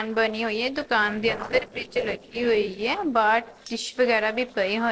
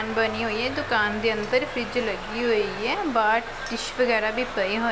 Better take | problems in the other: second | noise reduction (neural separator model SepFormer DNS4)

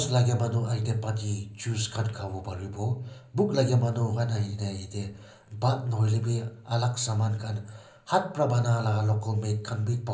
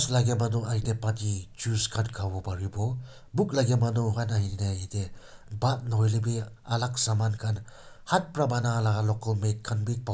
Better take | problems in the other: second | room echo; dies away in 0.5 s

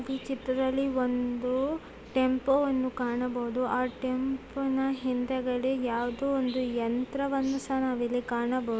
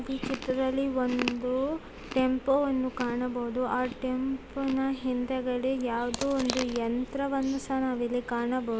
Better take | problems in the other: first | background sound (Chewing, mastication); 13 dB below the speech

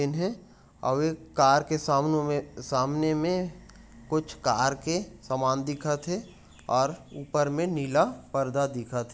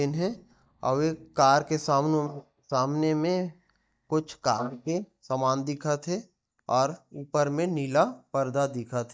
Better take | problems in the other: first | noise reduction (neural mask model DeepFilterNet 3)

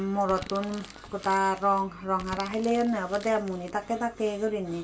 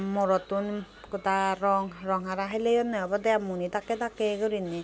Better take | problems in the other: second | background sound (Crumpling, crinkling); 18 dB below the speech // room echo; dies away in 0.2 s

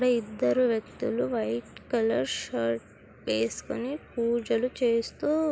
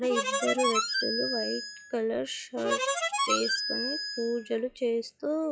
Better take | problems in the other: first | noise reduction (classical method log-MMSE)

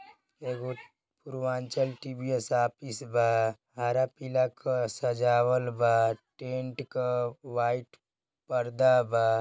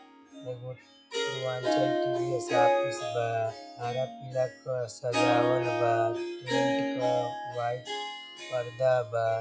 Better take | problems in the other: first | noise reduction (classical method log-MMSE)

